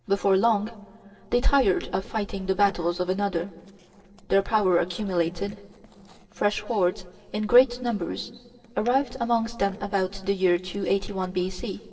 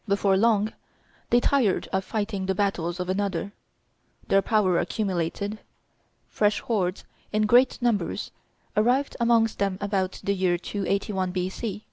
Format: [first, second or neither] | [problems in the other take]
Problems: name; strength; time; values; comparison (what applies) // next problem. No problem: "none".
second | noise reduction (neural separator model SepFormer DNS4)